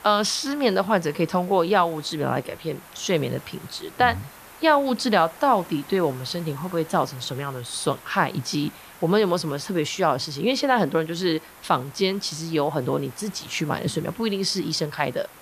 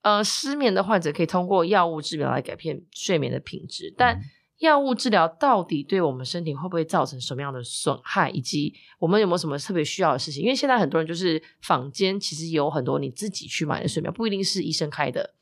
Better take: second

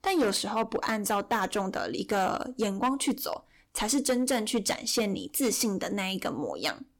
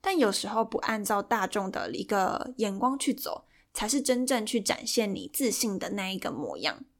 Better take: second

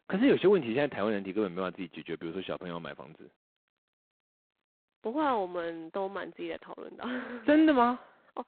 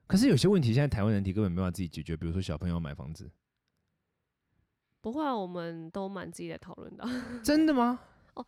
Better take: second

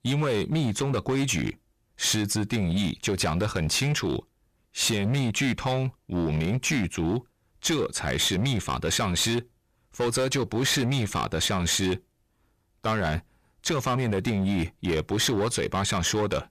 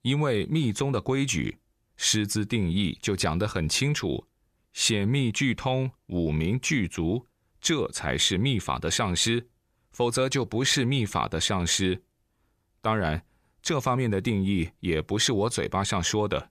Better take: second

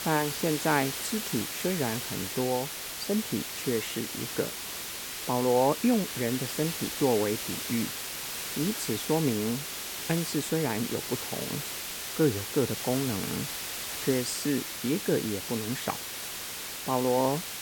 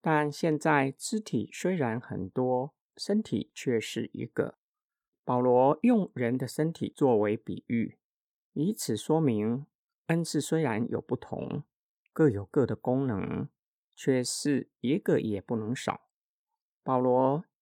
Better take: second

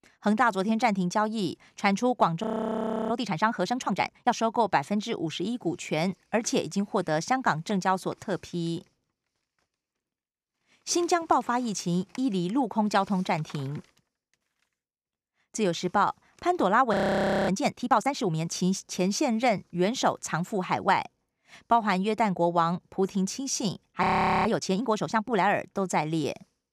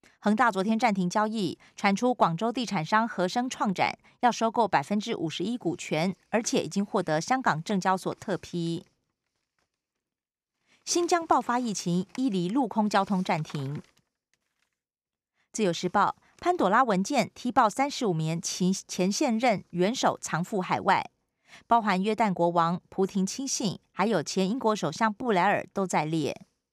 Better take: second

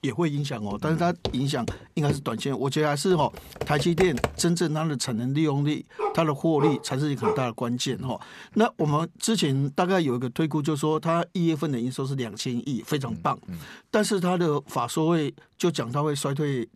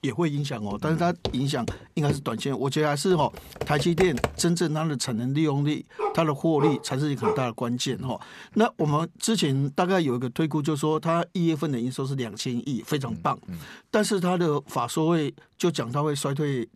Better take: neither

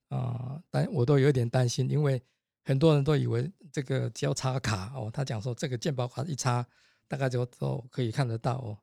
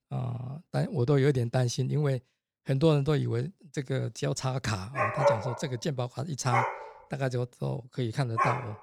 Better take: first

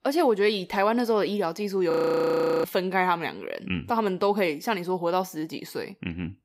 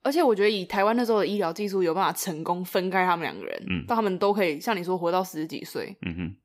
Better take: second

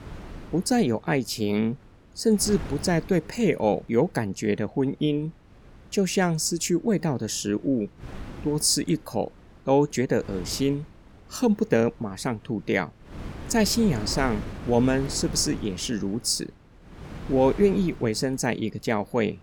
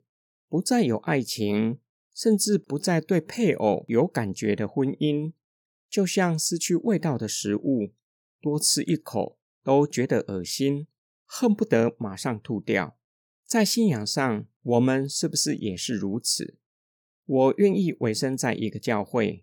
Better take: second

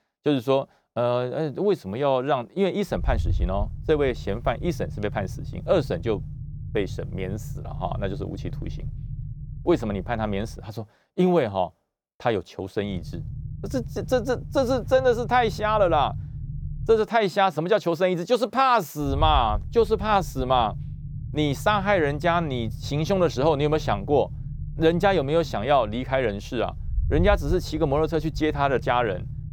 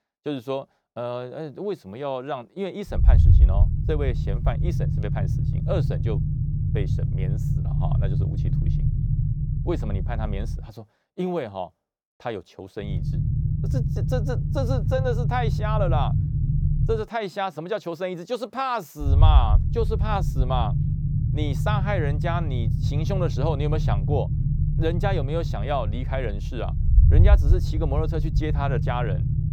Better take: first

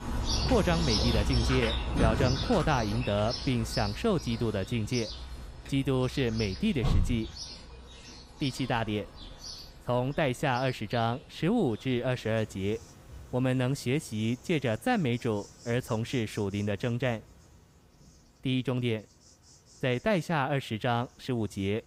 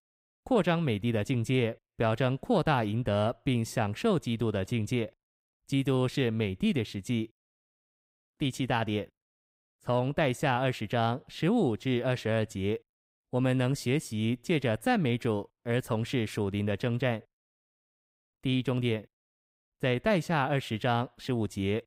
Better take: second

